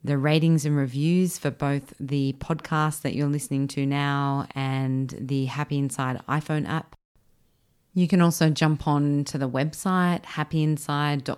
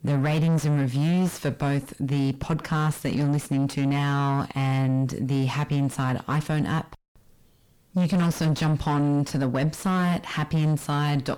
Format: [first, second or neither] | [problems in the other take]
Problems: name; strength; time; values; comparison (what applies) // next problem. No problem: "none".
first | distortion; heavy; 7 dB below the speech